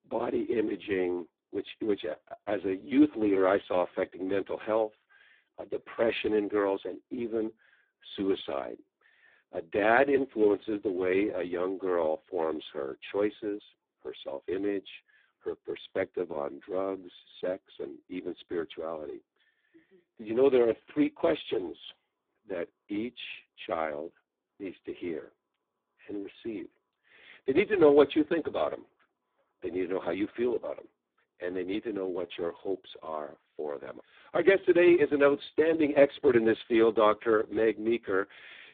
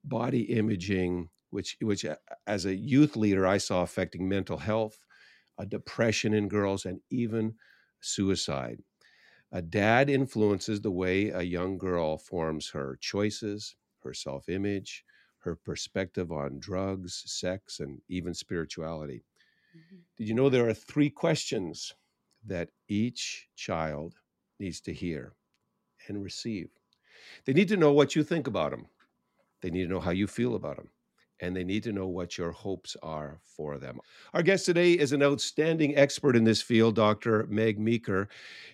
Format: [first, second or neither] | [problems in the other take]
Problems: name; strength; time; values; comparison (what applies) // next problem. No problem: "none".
second | phone-call audio; poor line; nothing above 3.5 kHz